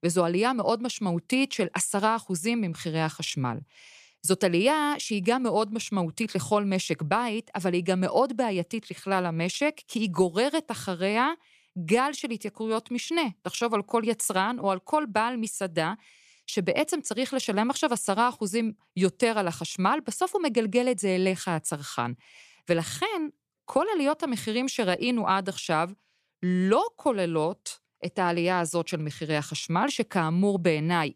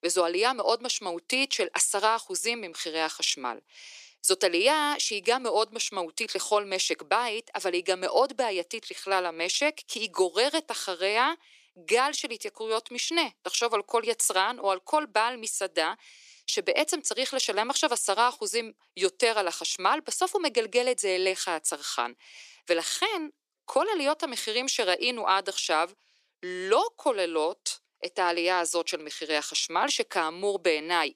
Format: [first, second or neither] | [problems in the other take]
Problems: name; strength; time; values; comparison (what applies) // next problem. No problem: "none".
first | thin; very; fading below 350 Hz